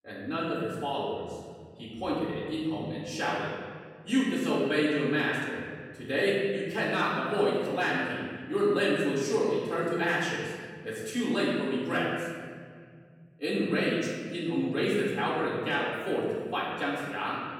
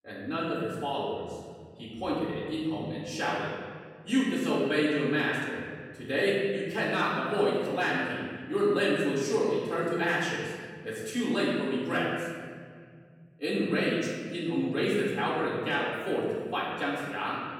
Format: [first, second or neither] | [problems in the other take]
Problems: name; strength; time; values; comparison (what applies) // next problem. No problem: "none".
neither | off-mic speech; far; the same in both // room echo; noticeable; dies away in 2.1 s; the same in both